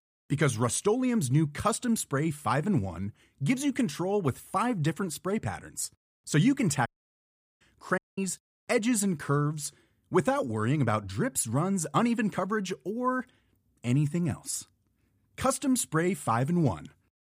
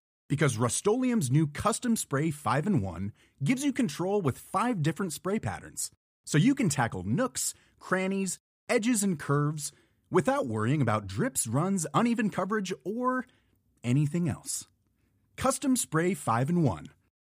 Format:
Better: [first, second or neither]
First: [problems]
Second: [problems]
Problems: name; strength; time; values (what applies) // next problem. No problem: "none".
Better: second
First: audio cutting out; at 7 s for 0.5 s and at 8 s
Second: none